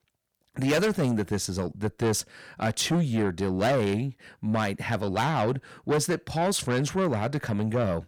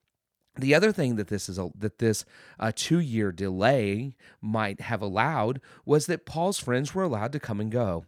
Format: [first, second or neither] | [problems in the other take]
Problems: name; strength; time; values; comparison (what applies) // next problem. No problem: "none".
second | distortion; heavy; 7 dB below the speech